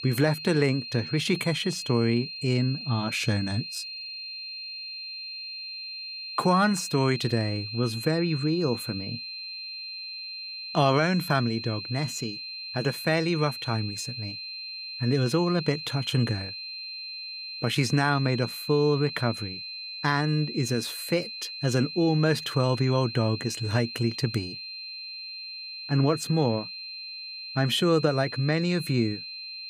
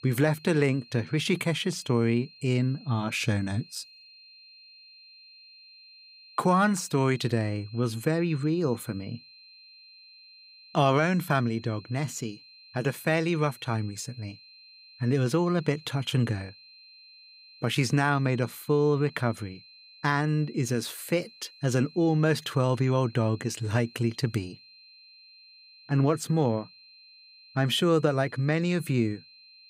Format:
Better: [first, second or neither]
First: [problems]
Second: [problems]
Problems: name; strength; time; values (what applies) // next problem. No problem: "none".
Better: second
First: high-pitched whine; loud; throughout; 4 kHz, 8 dB below the speech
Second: high-pitched whine; faint; throughout; 4 kHz, 25 dB below the speech